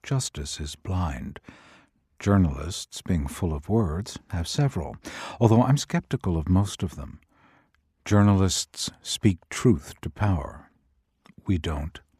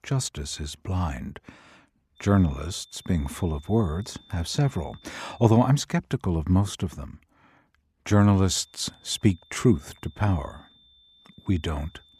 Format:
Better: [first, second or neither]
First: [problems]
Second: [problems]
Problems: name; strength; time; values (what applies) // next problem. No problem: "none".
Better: first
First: none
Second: high-pitched whine; faint; from 2 to 5.5 s and from 8.5 s on; 3.5 kHz, 30 dB below the speech